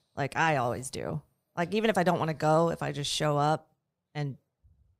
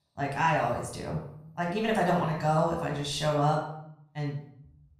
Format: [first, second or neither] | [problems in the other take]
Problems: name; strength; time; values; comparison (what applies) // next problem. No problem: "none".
first | off-mic speech; far // room echo; noticeable; dies away in 0.5 s